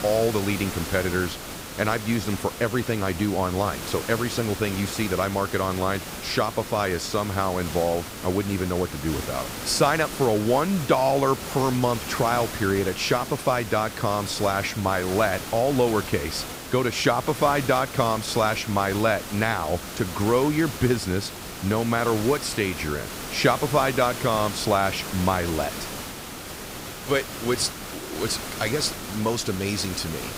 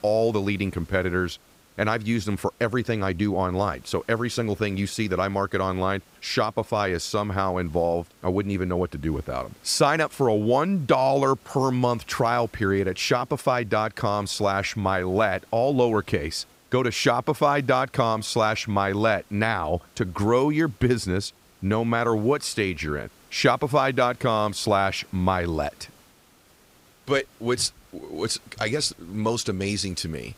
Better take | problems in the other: second | hiss; loud; throughout; 9 dB below the speech; faint in the second

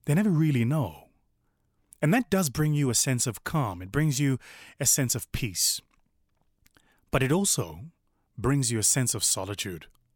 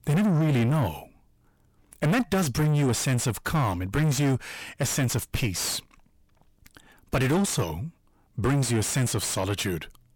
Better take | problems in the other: first | distortion; heavy; 6 dB below the speech

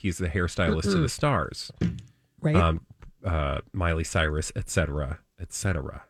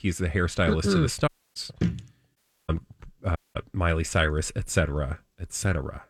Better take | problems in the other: first | audio cutting out; at 1.5 s, at 2.5 s and at 3.5 s

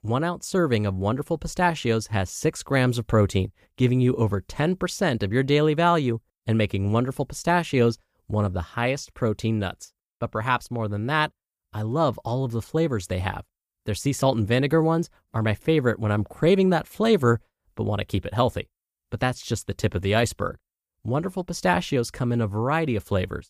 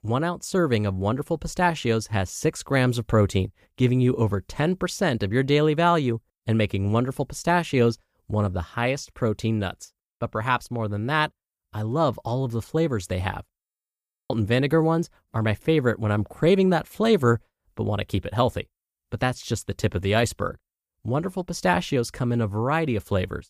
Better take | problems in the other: first | audio freezing; at 14 s for 0.5 s

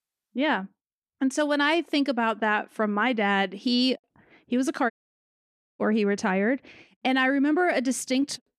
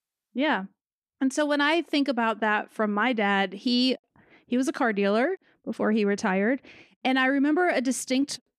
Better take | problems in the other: second | audio cutting out; at 5 s for 1 s

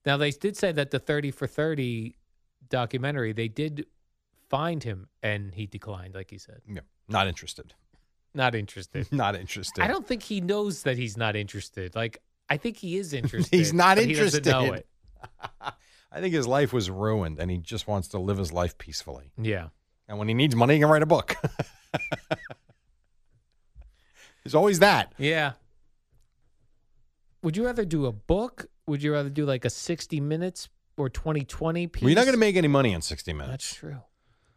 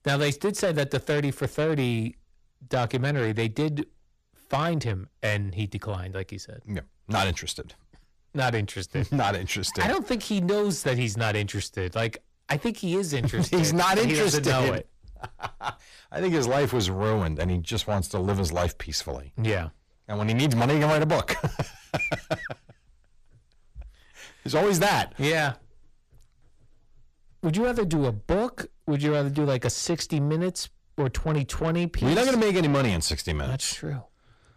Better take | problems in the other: first | distortion; heavy; 6 dB below the speech

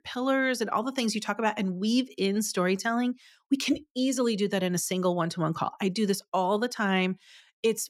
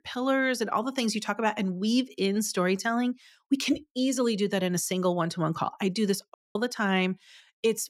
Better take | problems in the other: first | audio cutting out; at 6.5 s

